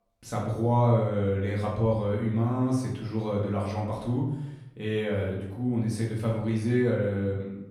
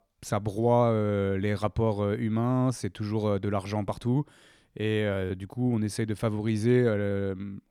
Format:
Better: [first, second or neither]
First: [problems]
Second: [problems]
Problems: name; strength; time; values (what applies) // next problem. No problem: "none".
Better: second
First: room echo; noticeable; dies away in 0.7 s // off-mic speech; far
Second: none